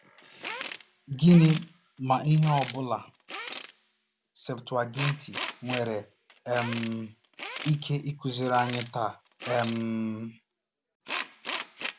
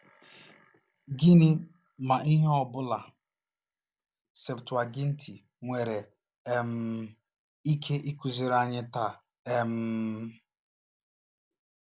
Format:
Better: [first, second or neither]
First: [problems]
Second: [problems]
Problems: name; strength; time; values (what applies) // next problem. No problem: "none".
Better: second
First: background sound (Tools); 12 dB below the speech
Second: none